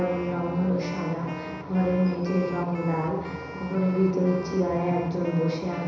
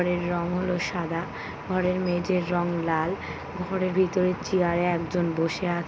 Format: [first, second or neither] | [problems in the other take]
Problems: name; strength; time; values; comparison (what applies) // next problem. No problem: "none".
second | background sound (Wind instrument, woodwind instrument); 16 dB below the speech // room echo; dies away in 1 s